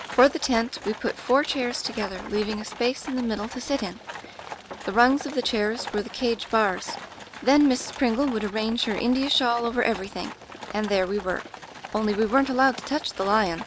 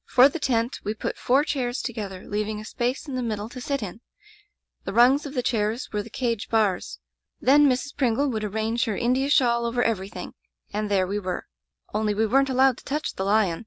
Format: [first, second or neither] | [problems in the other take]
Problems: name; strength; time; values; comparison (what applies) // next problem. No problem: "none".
second | background sound (Livestock, farm animals, working animals); 14 dB below the speech